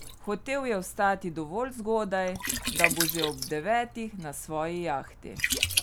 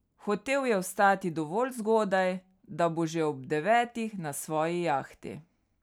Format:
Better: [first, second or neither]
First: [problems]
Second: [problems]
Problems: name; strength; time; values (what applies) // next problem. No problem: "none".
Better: second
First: background sound (Liquid); 3 dB below the speech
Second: none